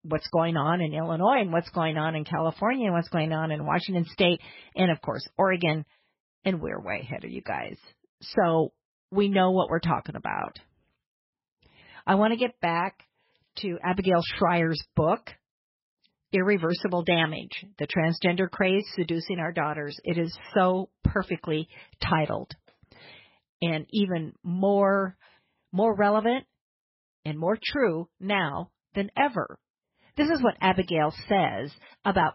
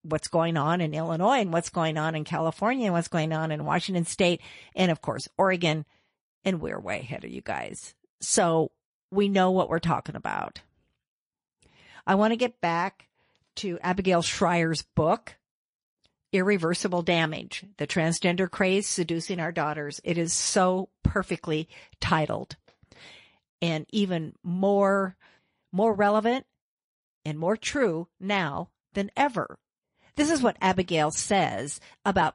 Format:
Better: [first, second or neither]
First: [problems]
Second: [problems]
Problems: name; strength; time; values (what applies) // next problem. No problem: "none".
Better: second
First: garbled, watery; badly; nothing above 5.5 kHz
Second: garbled, watery; slightly; nothing above 10.5 kHz